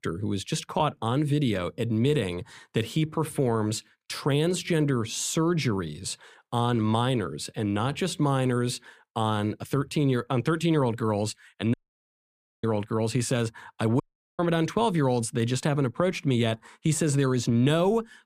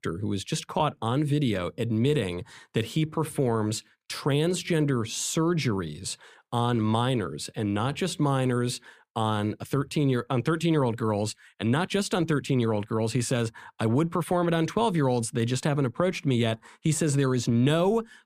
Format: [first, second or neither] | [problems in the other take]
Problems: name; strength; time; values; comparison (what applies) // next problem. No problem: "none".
second | audio cutting out; at 12 s for 1 s and at 14 s